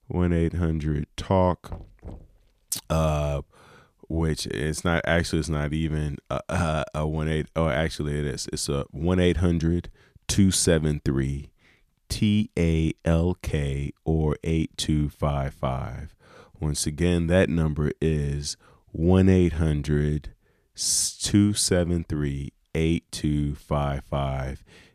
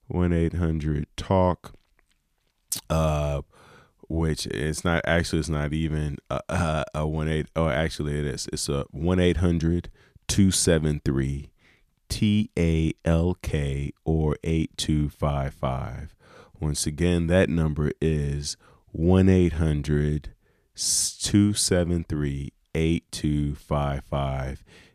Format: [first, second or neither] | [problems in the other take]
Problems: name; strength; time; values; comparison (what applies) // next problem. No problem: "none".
second | door banging; faint; at 1.5 s; peak 15 dB below the speech